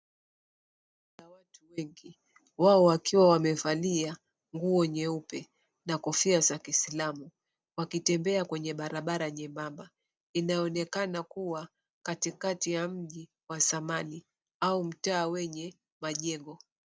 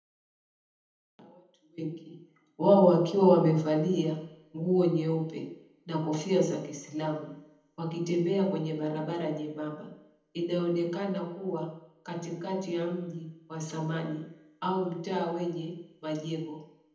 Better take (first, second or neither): first